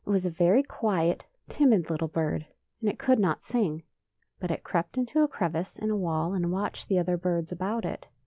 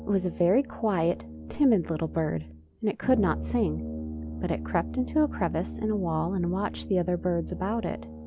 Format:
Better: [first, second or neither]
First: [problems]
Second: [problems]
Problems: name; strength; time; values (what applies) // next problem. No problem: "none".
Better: first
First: none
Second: background sound (Brass instrument); 9 dB below the speech